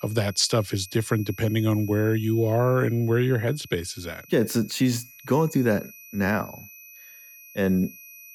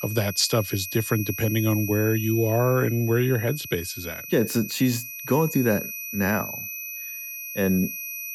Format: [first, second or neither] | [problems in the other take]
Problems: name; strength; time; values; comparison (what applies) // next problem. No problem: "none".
first | high-pitched whine; loud; throughout; 2.5 kHz, 8 dB below the speech; faint in the first